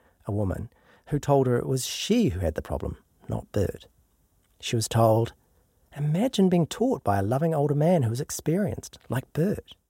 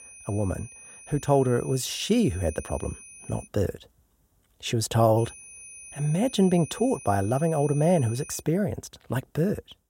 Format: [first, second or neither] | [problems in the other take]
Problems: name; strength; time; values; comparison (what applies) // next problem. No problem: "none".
first | high-pitched whine; noticeable; until 3.5 s and from 5 to 8.5 s; 9.5 kHz, 15 dB below the speech